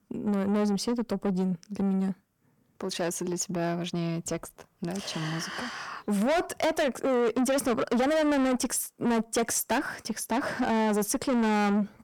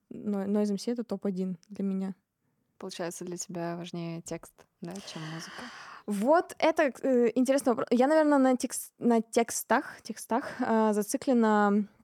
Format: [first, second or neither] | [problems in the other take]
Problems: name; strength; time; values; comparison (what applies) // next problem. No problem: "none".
second | distortion; heavy; 6 dB below the speech